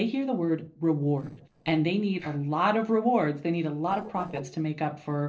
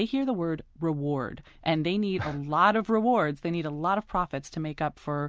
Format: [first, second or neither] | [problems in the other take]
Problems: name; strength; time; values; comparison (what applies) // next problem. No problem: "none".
second | noise reduction (neural separator model SepFormer DNS4)